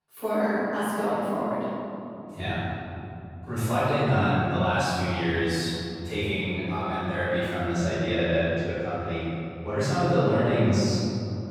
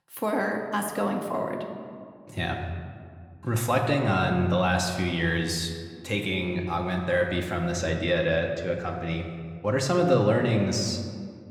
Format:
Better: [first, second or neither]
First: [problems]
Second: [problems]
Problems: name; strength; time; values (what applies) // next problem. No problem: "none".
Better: second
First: room echo; strong; dies away in 2.9 s // off-mic speech; far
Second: room echo; slight; dies away in 1.5 s